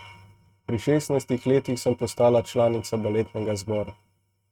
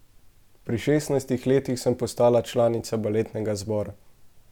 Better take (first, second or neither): second